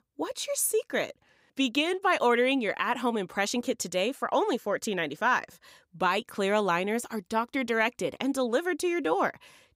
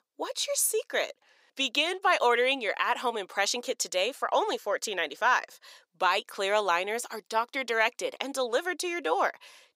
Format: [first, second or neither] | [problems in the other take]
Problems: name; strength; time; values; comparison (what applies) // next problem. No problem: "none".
first | thin; somewhat; fading below 550 Hz